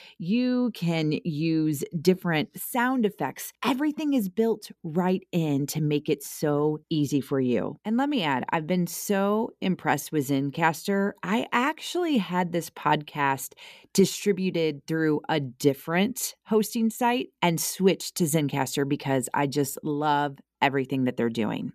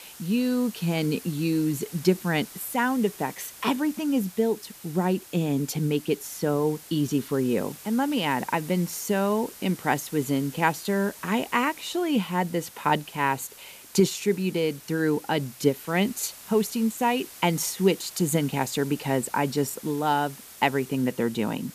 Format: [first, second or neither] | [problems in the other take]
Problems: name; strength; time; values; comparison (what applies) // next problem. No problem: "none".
first | hiss; noticeable; throughout; 15 dB below the speech